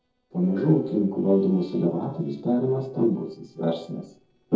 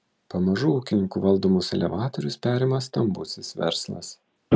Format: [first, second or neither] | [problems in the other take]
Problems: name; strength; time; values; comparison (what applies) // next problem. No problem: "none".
second | noise reduction (neural separator model SepFormer DNS4)